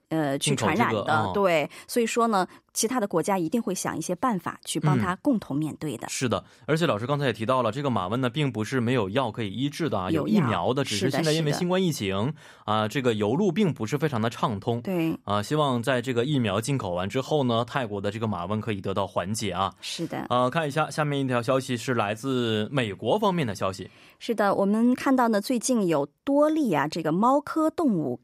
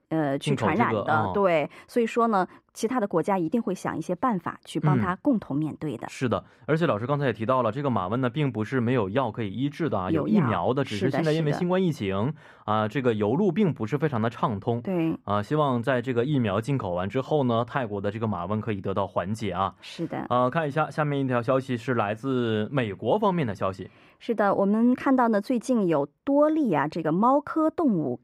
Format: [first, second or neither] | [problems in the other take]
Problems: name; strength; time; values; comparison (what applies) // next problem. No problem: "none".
first | muffled; slightly; fading above 3 kHz